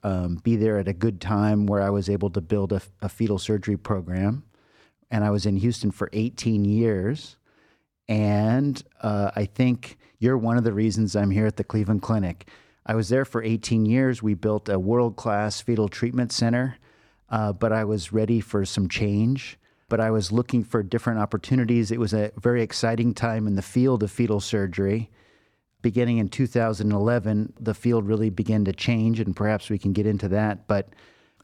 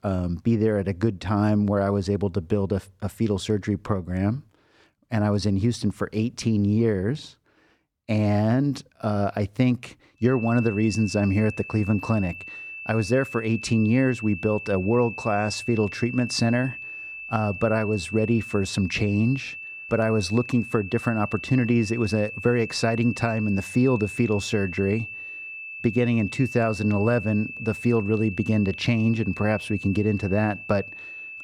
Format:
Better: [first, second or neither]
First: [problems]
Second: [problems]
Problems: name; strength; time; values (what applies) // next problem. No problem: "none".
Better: first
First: none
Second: high-pitched whine; noticeable; from 10 s on; 2.5 kHz, 10 dB below the speech